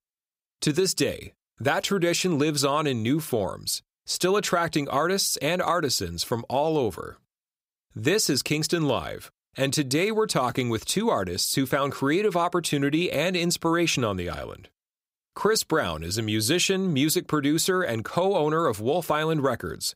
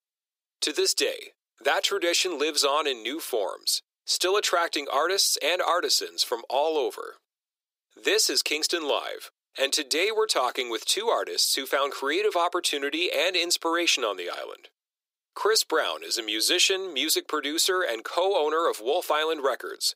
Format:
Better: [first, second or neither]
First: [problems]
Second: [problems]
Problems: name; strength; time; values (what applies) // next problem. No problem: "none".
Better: first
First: none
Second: thin; very; fading below 350 Hz